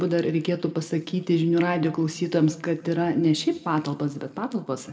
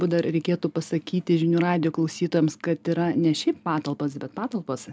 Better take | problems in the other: second | room echo; dies away in 1.9 s

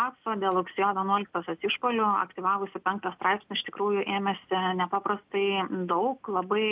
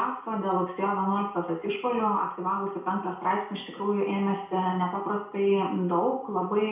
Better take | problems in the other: first | room echo; dies away in 0.6 s

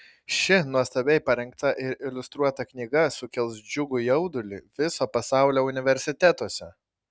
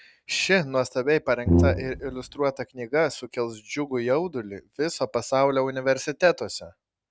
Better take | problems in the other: first | background sound (Brass instrument); 2 dB above the speech

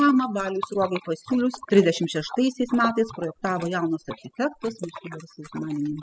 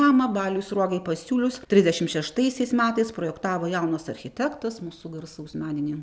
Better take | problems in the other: second | noise reduction (classical method spectral subtraction)

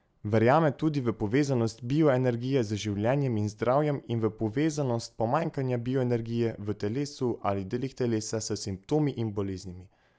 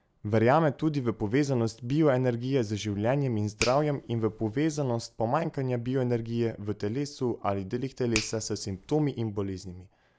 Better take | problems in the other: first | background sound (Finger snapping); 17 dB below the speech

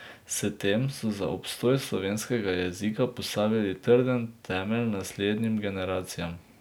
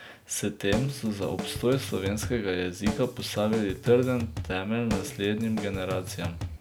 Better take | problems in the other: first | background sound (Drum kit); 7 dB below the speech

